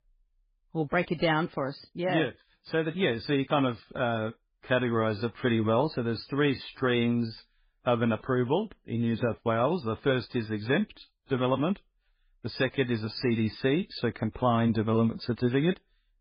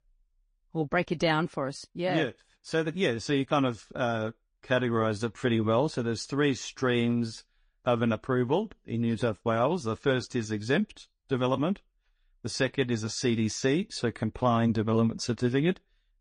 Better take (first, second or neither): second